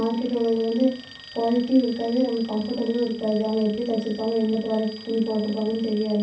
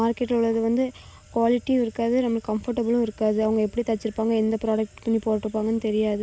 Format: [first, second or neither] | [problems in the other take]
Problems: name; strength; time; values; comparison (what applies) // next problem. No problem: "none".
second | background sound (Alarm); 20 dB below the speech // room echo; dies away in 0.7 s